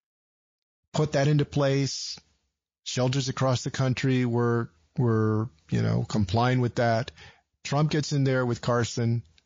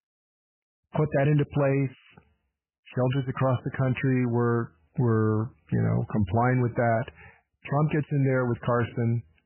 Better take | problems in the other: first | garbled, watery; badly; nothing above 3 kHz; slightly in the first

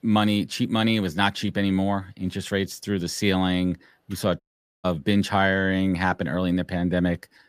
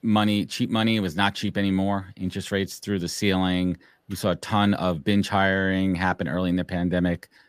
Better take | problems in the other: second | audio cutting out; at 4.5 s

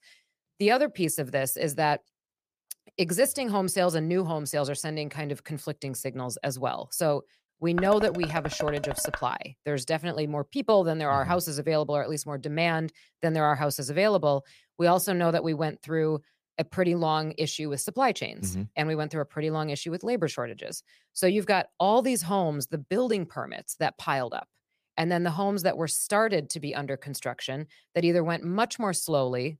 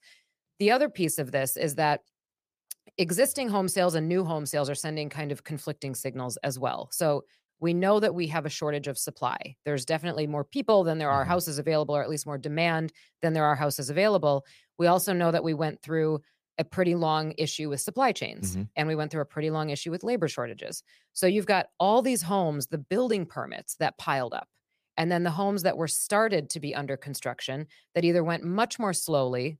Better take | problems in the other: second | clattering dishes; noticeable; from 8 to 9 s; peak 6 dB below the speech

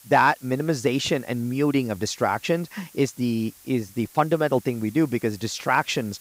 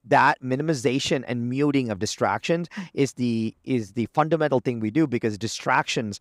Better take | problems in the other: second | hiss; faint; throughout; 25 dB below the speech

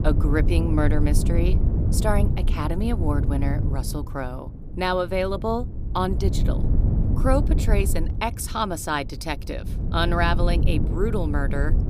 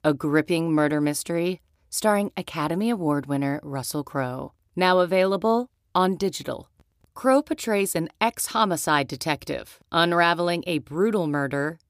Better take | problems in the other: second | wind noise on the microphone; heavy; 10 dB below the speech

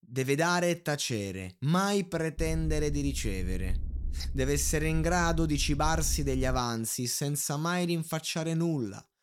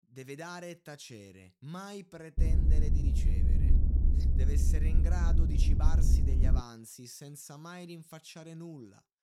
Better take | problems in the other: first | low rumble; loud; from 2.5 to 6.5 s; as loud as the speech; faint in the first

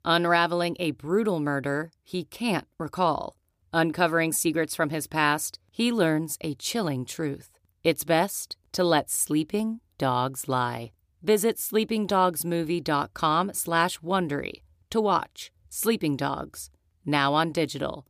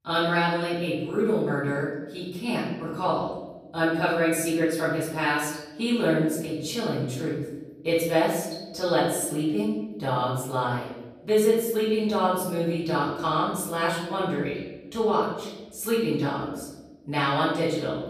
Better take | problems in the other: first | off-mic speech; far // room echo; noticeable; dies away in 1 s

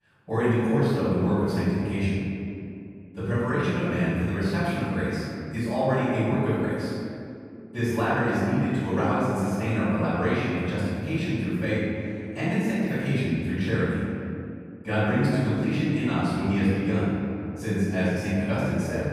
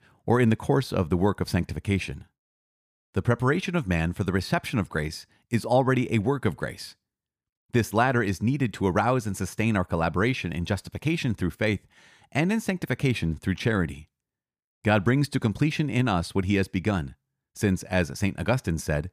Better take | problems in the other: second | off-mic speech; far // room echo; strong; dies away in 2.4 s

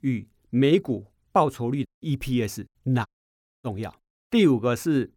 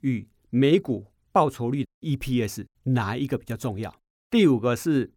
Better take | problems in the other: second | audio cutting out; at 3 s for 0.5 s

